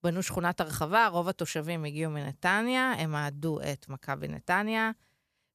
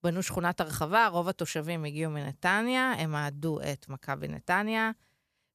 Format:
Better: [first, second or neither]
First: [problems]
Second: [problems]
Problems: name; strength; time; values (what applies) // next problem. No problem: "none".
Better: neither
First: none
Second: none